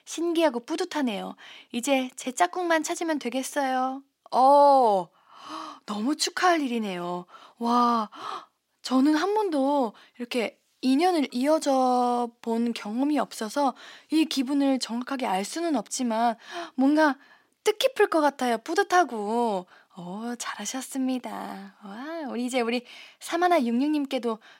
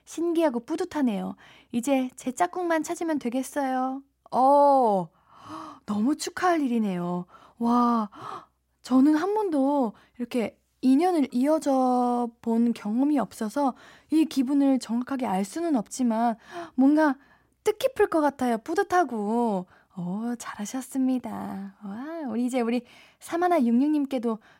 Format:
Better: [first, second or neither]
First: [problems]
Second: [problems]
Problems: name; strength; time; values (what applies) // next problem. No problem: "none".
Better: second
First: thin; very slightly; fading below 300 Hz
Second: none